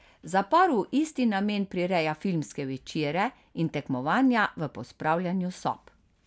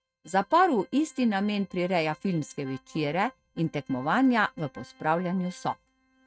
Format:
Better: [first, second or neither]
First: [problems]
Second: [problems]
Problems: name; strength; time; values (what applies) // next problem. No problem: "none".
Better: first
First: none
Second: noise reduction (neural mask model RNNoise)